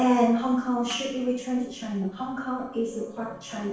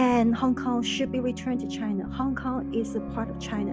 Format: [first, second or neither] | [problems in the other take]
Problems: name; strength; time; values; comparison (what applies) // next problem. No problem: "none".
second | noise reduction (neural separator model SepFormer DNS4)